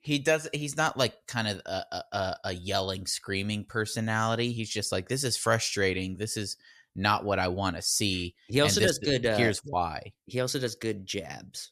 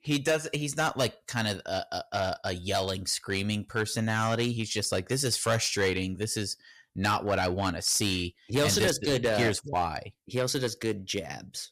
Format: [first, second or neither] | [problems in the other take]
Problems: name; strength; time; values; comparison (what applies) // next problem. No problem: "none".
first | distortion; slight; 5% of the sound clipped